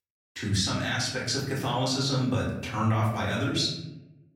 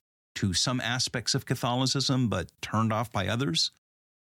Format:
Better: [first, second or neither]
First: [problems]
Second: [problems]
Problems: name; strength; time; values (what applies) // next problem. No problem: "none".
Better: second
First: off-mic speech; far // room echo; noticeable; dies away in 0.9 s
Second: none